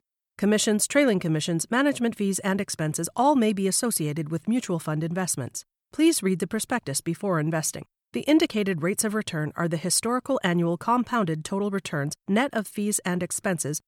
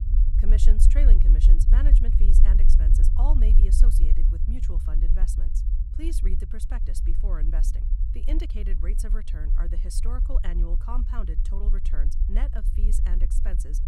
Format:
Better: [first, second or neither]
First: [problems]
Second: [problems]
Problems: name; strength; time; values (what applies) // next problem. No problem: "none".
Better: first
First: none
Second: low rumble; loud; throughout; 4 dB below the speech